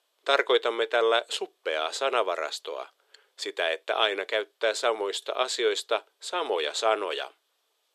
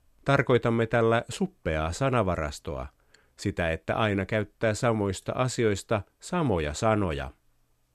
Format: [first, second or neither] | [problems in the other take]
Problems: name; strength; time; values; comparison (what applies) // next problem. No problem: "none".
second | thin; very; fading below 400 Hz